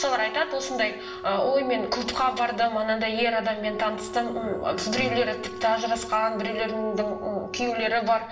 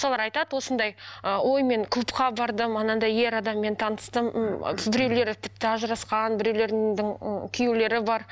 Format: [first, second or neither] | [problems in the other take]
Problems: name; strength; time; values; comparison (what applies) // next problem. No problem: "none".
second | background sound (Wind instrument, woodwind instrument); 13 dB below the speech // room echo; dies away in 1.3 s